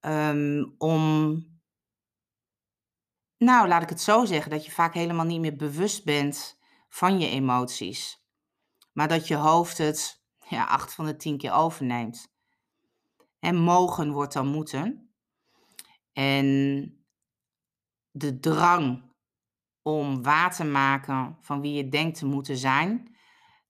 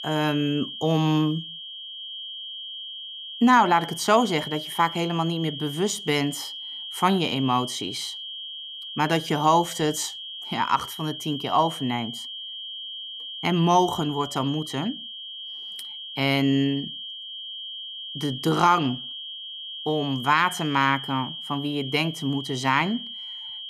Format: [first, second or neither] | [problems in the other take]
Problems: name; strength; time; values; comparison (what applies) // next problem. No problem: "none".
first | high-pitched whine; loud; throughout; 3 kHz, 10 dB below the speech